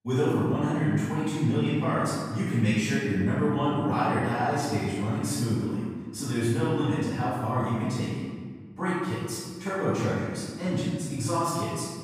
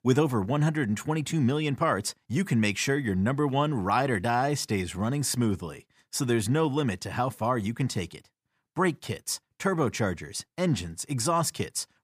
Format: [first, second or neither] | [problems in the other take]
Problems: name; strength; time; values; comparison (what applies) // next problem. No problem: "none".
second | off-mic speech; far // room echo; strong; dies away in 1.7 s